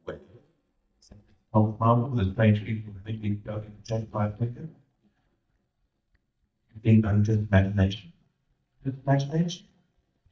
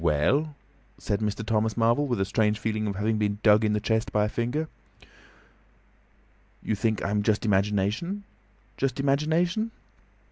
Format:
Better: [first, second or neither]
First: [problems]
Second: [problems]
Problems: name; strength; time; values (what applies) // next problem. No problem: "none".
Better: second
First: noise reduction (neural mask model DeepFilterNet 3)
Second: none